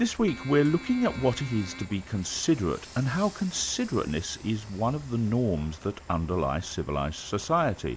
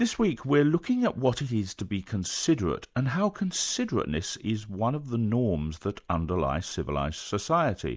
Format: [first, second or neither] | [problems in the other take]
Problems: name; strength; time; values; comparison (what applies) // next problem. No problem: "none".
second | background sound (Keyboard (musical) + Frying (food) / Dishes, pots, and pans); 17 dB below the speech